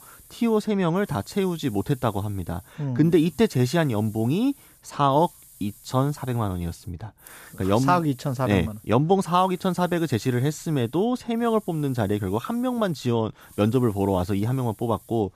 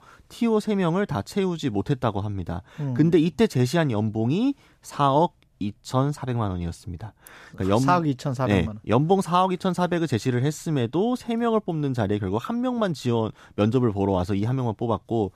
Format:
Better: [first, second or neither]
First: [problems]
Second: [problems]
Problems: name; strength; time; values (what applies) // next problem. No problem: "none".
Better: second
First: hiss; faint; throughout; 25 dB below the speech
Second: none